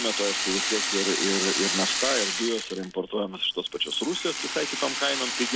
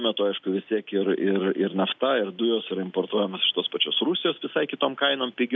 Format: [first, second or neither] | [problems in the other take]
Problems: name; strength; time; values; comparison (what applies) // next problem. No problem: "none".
second | background sound (Rattle (instrument)); as loud as the speech